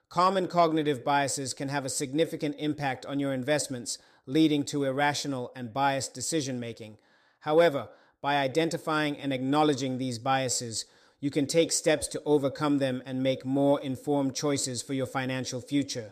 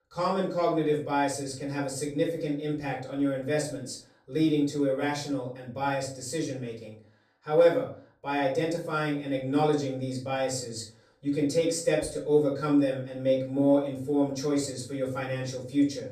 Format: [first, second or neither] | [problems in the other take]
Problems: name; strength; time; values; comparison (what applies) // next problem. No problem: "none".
first | off-mic speech; far // room echo; slight; dies away in 0.3 s